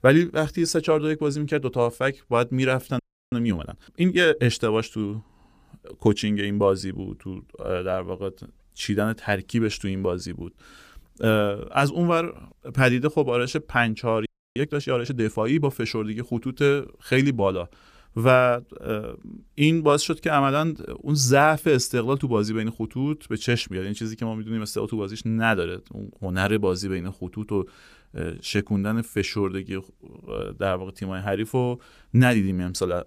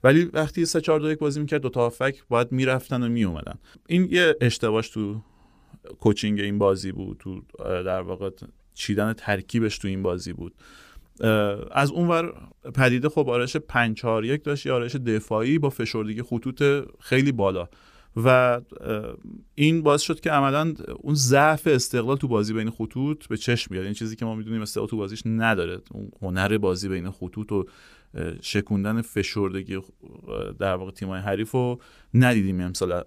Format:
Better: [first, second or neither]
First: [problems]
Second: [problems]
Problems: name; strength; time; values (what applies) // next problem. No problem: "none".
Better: second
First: audio freezing; at 3 s and at 14 s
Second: none